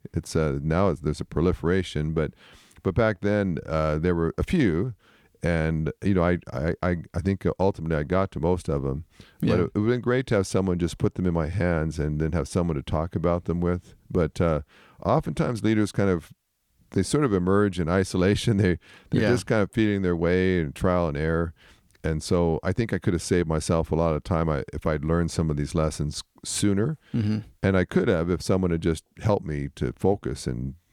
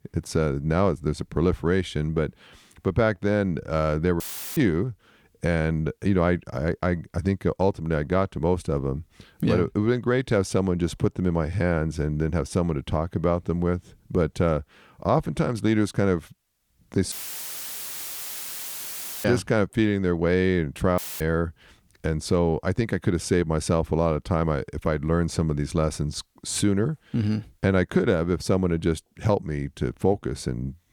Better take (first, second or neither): first